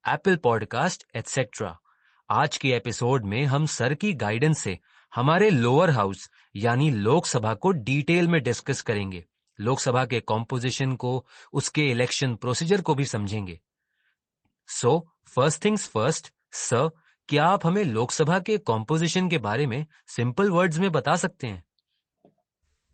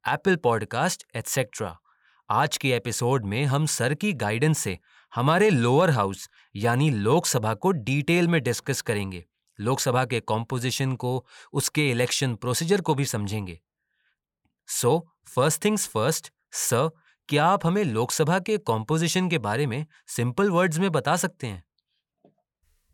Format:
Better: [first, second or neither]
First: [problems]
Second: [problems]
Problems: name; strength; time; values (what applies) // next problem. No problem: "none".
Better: second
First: garbled, watery; slightly; nothing above 8 kHz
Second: none